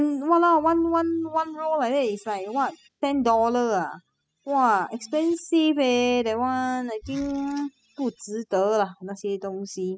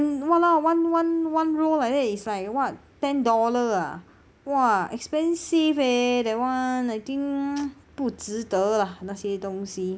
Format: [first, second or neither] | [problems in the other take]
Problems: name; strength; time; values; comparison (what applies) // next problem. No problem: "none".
second | noise reduction (classical method spectral subtraction)